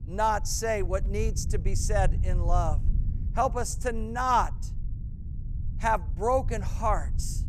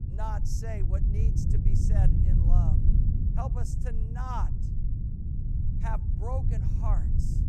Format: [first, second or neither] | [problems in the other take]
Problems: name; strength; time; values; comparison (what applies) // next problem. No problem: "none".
first | low rumble; loud; throughout; 2 dB below the speech; faint in the first